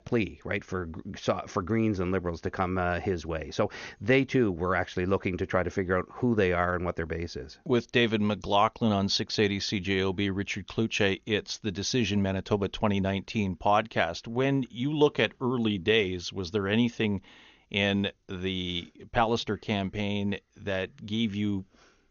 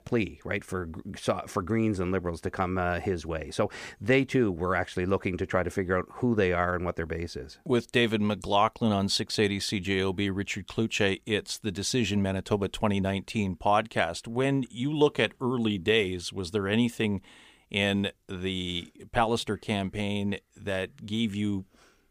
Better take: second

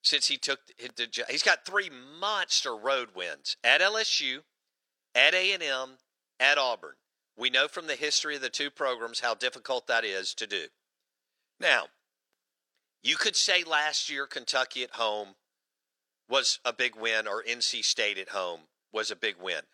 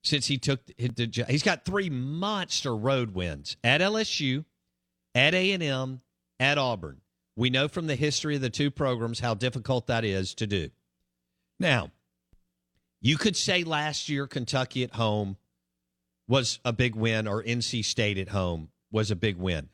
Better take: second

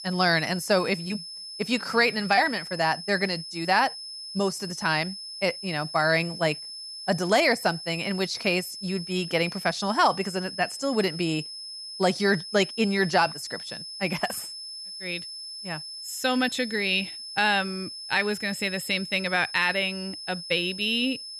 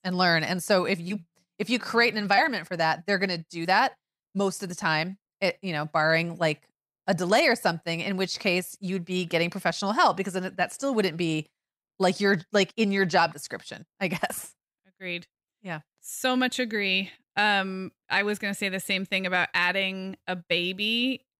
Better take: second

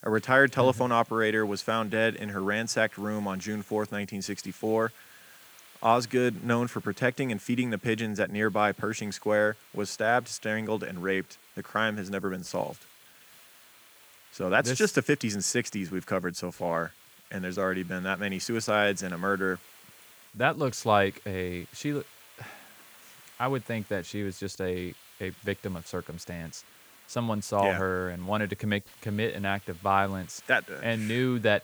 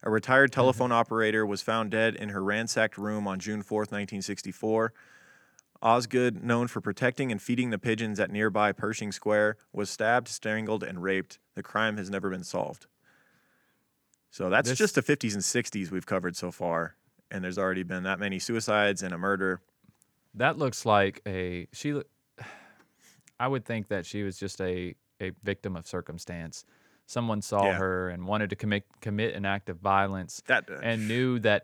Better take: second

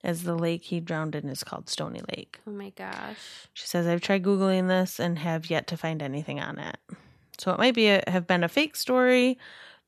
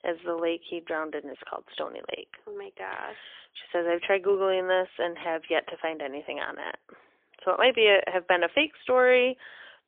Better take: first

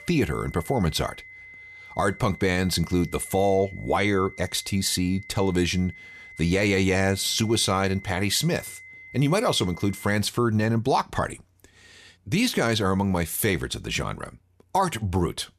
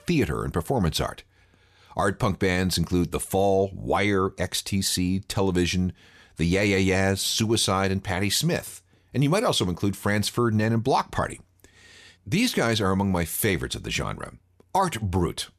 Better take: second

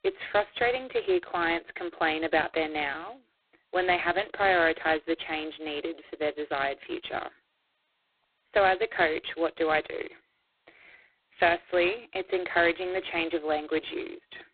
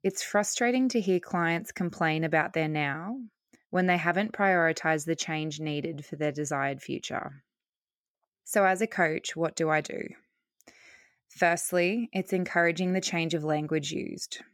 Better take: second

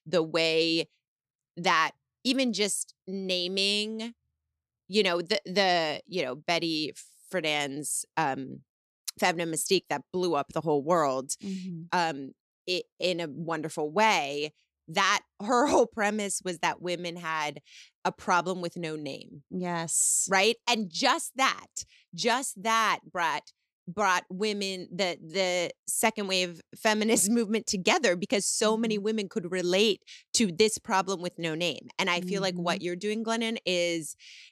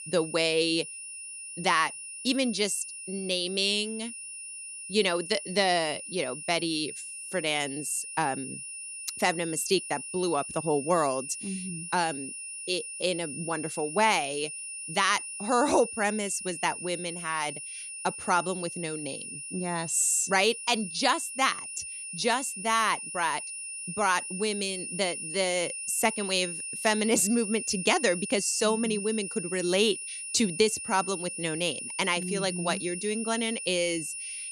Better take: first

